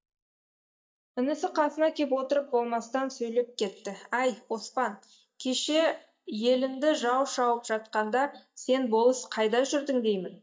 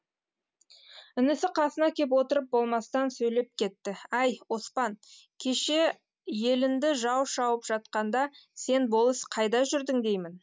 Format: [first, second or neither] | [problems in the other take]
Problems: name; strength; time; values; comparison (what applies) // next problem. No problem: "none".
second | noise reduction (neural mask model DeepFilterNet 3)